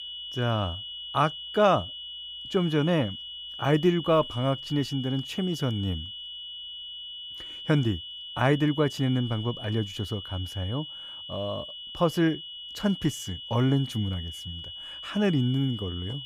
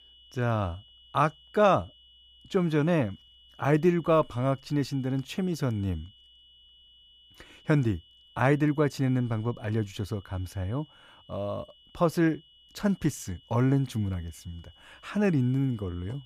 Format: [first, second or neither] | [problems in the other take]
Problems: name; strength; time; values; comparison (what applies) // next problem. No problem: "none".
second | high-pitched whine; loud; throughout; 3 kHz, 9 dB below the speech; faint in the second